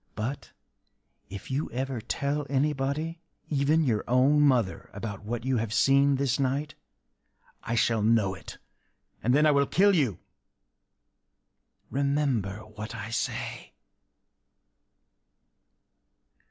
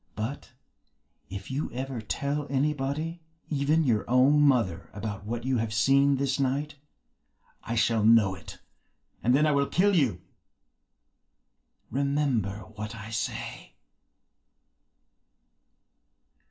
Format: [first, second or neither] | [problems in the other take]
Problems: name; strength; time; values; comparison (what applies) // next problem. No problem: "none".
first | room echo; dies away in 0.2 s